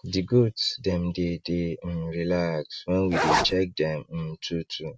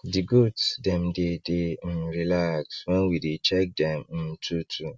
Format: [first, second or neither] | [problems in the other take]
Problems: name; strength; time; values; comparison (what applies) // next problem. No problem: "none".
second | background sound (Zipper (clothing)); 2 dB above the speech